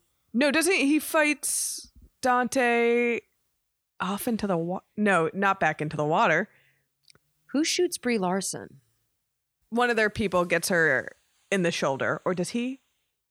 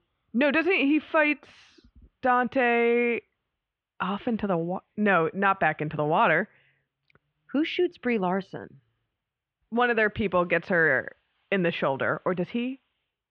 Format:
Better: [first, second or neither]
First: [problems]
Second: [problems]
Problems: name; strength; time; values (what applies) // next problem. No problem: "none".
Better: first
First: none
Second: muffled; very; fading above 3 kHz